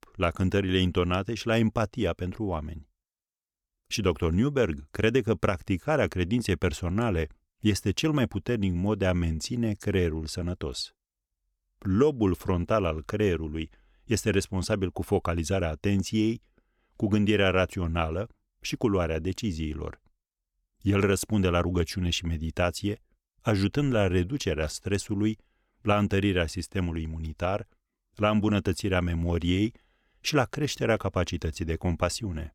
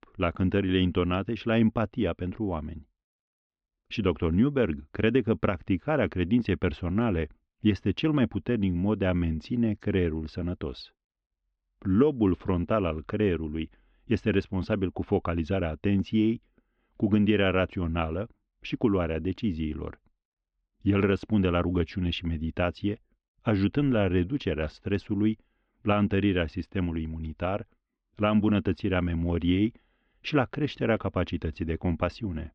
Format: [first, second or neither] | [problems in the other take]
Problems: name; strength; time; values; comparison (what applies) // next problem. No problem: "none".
first | muffled; slightly; fading above 3.5 kHz